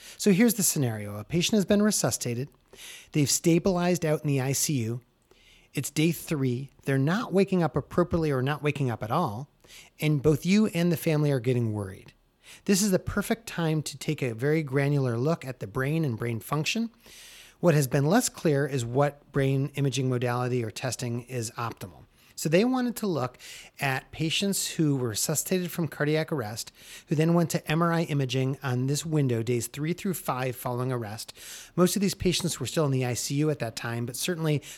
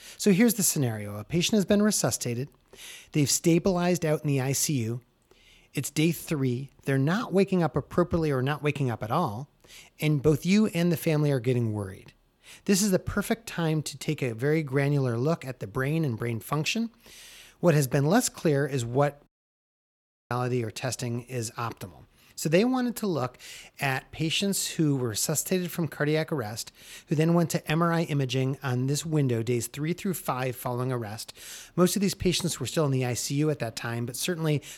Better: first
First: none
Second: audio cutting out; at 19 s for 1 s

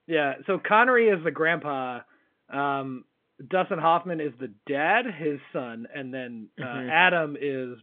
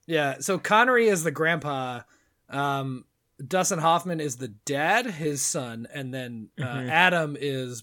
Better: second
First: phone-call audio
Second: none

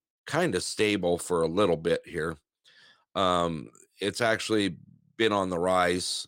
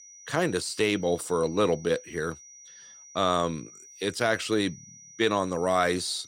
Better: first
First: none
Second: high-pitched whine; noticeable; throughout; 6 kHz, 20 dB below the speech

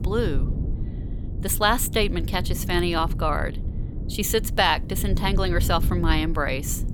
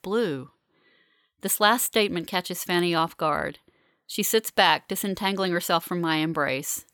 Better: second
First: low rumble; noticeable; throughout; 15 dB below the speech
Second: none

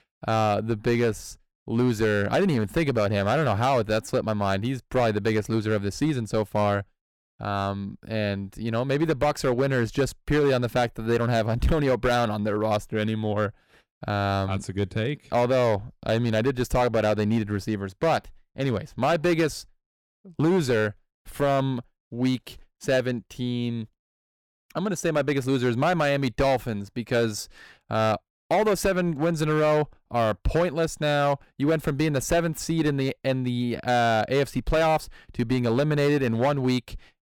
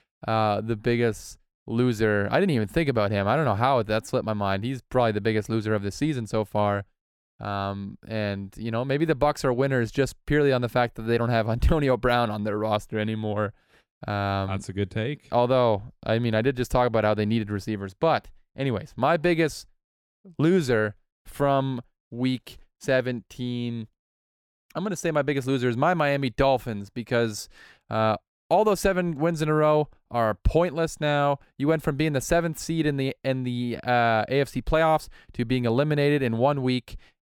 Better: second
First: distortion; slight; 7% of the sound clipped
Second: none

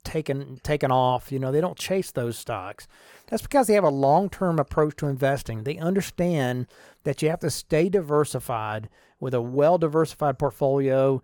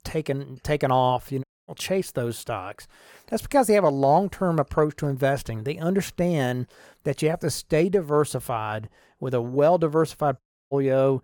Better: first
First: none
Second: audio cutting out; at 1.5 s and at 10 s

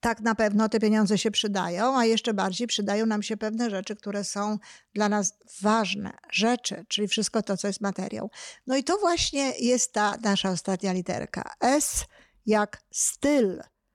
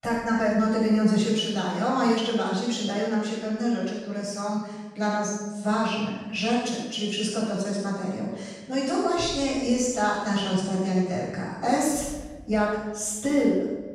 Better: first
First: none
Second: off-mic speech; far // room echo; strong; dies away in 1.6 s

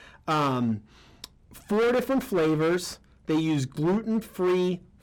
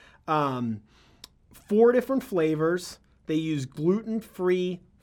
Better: second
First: distortion; heavy; 15% of the sound clipped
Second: none

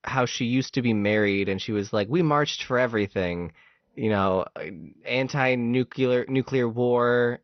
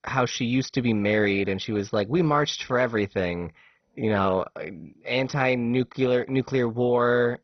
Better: first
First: garbled, watery; slightly; nothing above 6 kHz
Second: garbled, watery; badly; nothing above 6 kHz

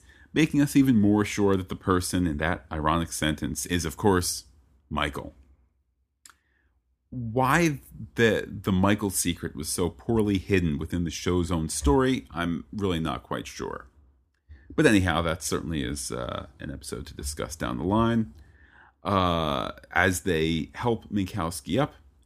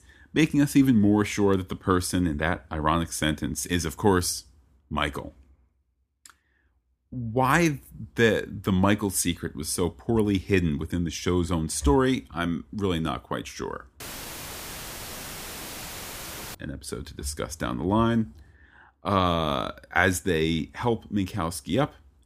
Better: first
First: none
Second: audio cutting out; filled with static; at 14 s for 2.5 s

